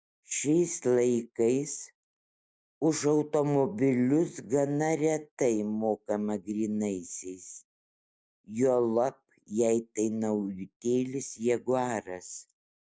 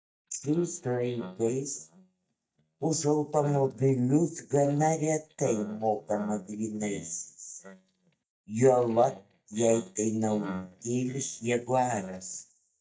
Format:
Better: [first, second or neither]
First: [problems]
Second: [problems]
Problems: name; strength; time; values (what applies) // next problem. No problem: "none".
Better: first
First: none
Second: noise reduction (neural mask model DeepFilterNet 3)